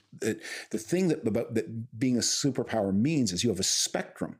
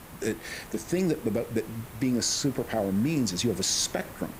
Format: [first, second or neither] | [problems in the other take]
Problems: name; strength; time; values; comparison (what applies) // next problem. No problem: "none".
first | hiss; noticeable; throughout; 15 dB below the speech